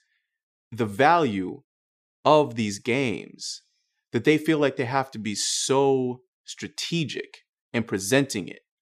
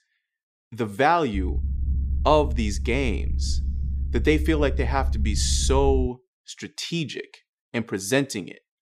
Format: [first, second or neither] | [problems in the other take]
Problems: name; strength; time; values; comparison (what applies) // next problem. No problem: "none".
first | low rumble; faint; from 1.5 to 6 s; 20 dB below the speech